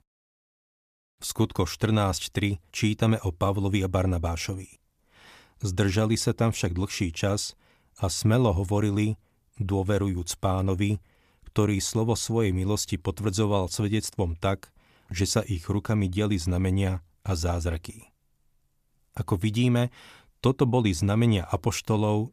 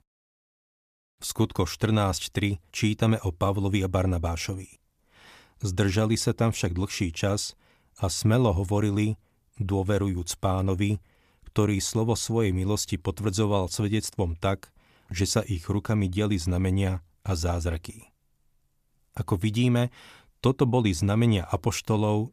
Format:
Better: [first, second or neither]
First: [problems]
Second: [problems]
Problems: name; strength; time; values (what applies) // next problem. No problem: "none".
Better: neither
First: none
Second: none